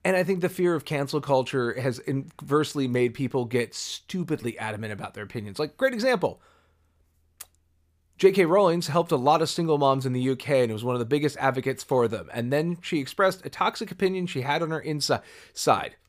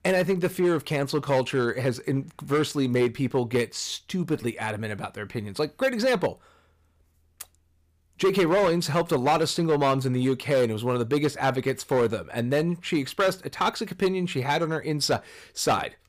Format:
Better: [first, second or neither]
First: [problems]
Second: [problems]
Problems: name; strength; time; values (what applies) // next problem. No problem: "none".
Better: first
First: none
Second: distortion; slight; 6% of the sound clipped